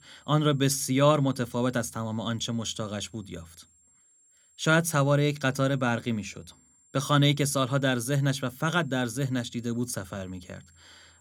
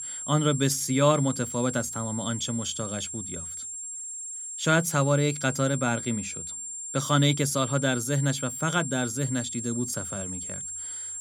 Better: first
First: high-pitched whine; faint; throughout; 7.5 kHz, 30 dB below the speech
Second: high-pitched whine; loud; throughout; 7.5 kHz, 7 dB below the speech

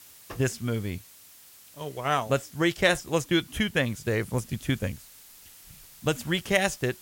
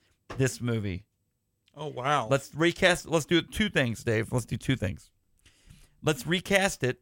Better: second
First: hiss; faint; throughout; 20 dB below the speech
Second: none

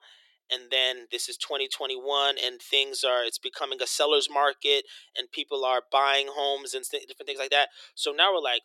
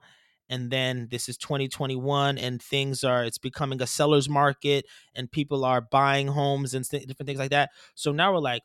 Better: second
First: thin; very; fading below 350 Hz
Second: none

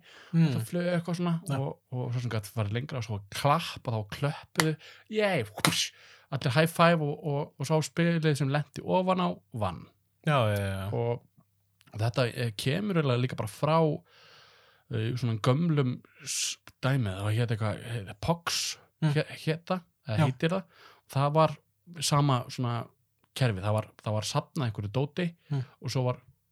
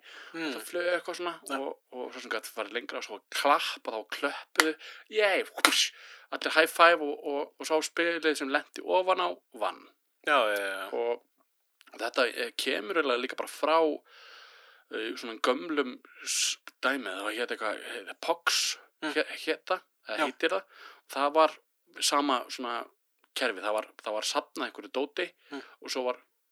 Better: first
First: none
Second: thin; very; fading below 250 Hz

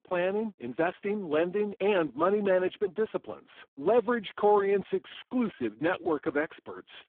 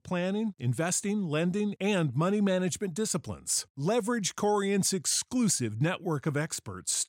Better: second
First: phone-call audio; poor line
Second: none

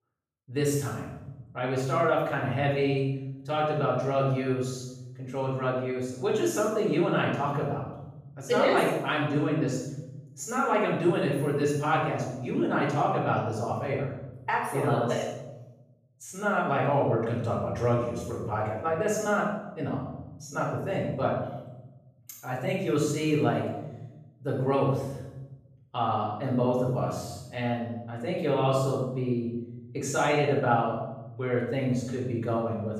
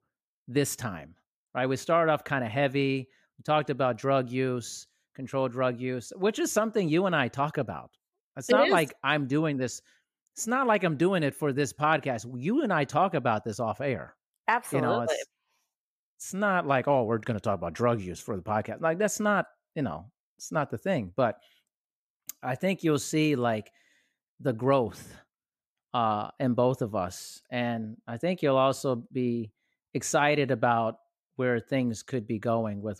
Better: second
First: off-mic speech; far // room echo; noticeable; dies away in 0.9 s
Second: none

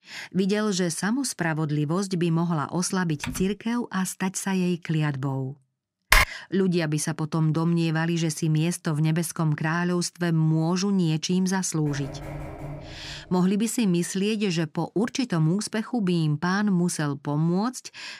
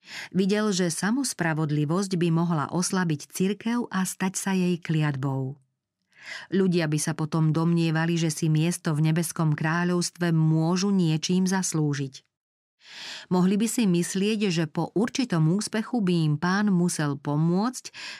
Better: second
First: keyboard typing; noticeable; at 3 s; peak 10 dB below the speech // keyboard typing; loud; at 6 s; peak 6 dB above the speech // door banging; faint; from 12 to 13 s; peak 10 dB below the speech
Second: none

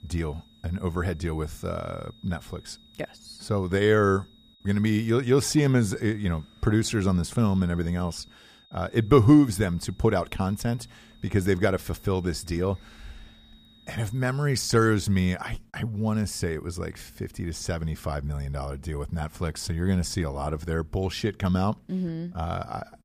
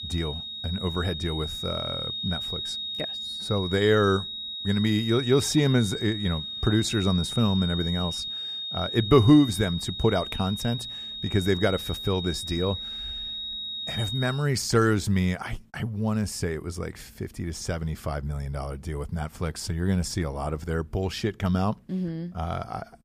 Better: first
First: high-pitched whine; faint; until 14 s; 3.5 kHz, 30 dB below the speech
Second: high-pitched whine; loud; until 14 s; 3.5 kHz, 5 dB below the speech

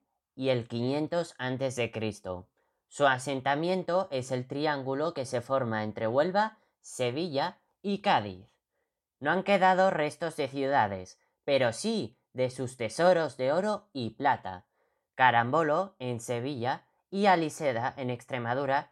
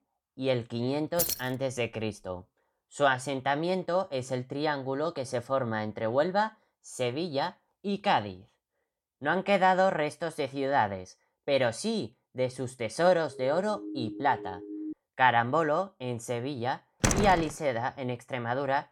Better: first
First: none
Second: jangling keys; noticeable; at 1 s; peak level with the speech // siren; noticeable; from 13 to 15 s; peak 9 dB below the speech // door banging; loud; at 17 s; peak 2 dB above the speech

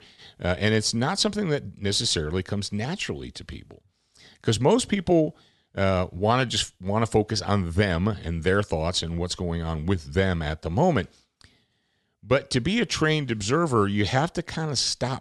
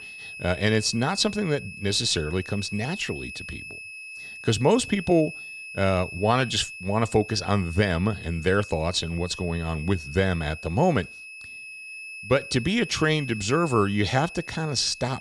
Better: first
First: none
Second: high-pitched whine; noticeable; throughout; 2.5 kHz, 10 dB below the speech

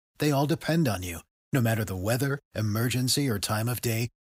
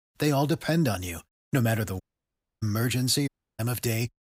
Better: first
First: none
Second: audio cutting out; at 2 s for 0.5 s and at 3.5 s

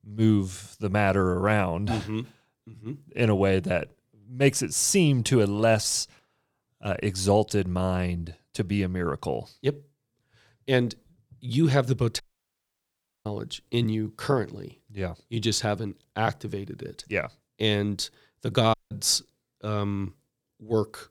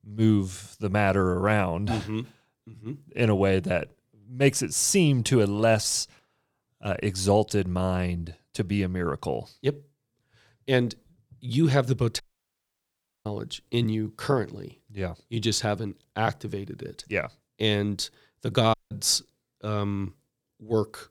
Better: neither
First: audio cutting out; at 12 s for 1 s and at 19 s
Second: audio cutting out; at 12 s for 1 s and at 19 s

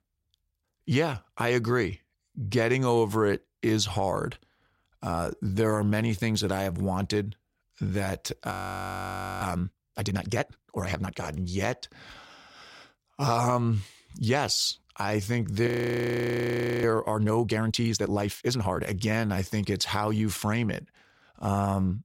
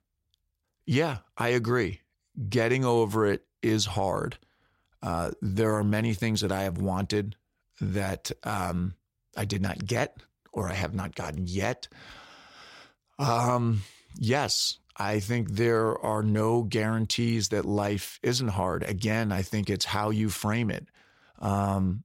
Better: second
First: audio freezing; at 8.5 s for 1 s and at 16 s for 1 s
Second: none

